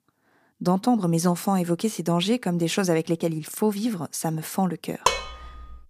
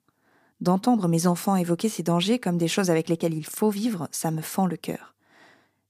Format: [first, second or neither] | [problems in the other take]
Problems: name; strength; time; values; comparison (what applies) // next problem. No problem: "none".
second | clattering dishes; loud; at 5 s; peak level with the speech